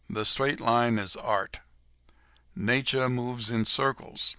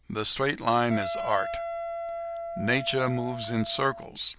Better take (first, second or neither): first